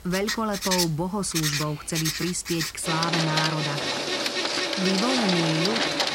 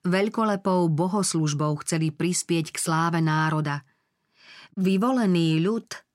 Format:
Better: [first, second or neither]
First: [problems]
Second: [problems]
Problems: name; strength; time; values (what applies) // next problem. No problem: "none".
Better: second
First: household noises; very loud; throughout; 1 dB above the speech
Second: none